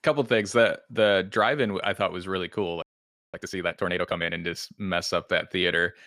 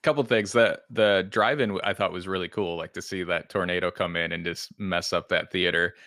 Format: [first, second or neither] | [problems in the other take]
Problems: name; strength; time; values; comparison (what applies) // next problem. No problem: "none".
second | audio freezing; at 3 s for 0.5 s